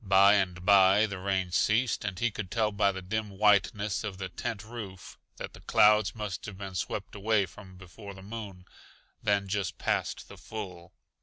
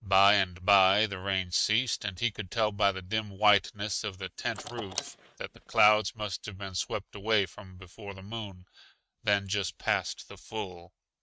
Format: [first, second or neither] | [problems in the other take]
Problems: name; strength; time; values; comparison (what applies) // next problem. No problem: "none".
first | noise reduction (neural mask model RNNoise)